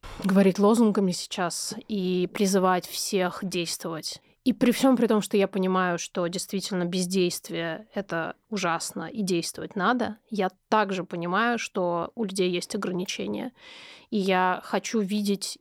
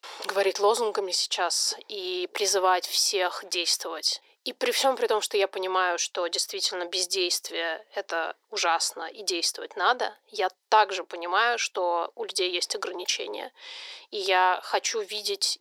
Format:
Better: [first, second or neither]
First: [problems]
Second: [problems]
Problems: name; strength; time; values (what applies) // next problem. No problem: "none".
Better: first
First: none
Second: thin; very; fading below 350 Hz